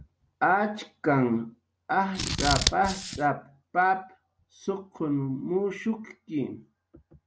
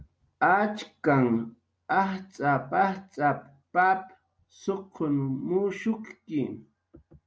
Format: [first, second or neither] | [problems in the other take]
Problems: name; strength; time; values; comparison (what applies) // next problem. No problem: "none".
second | background sound (Scissors); 1 dB below the speech